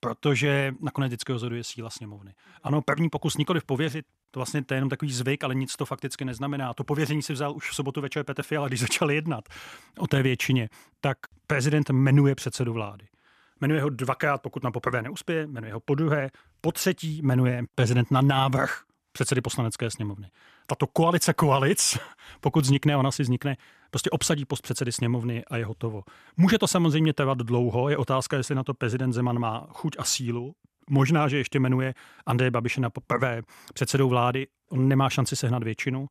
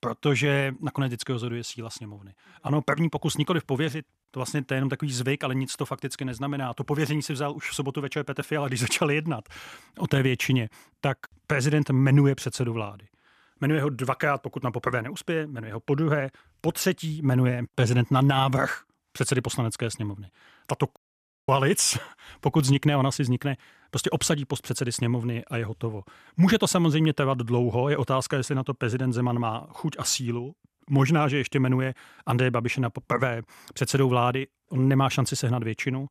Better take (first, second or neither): first